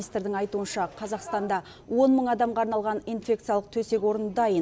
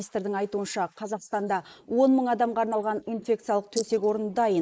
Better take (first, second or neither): first